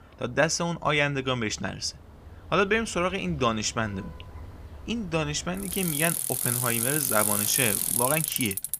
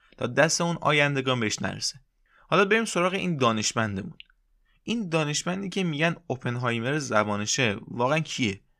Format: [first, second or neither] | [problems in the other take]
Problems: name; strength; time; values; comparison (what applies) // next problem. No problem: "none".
second | traffic noise; very loud; throughout; 2 dB above the speech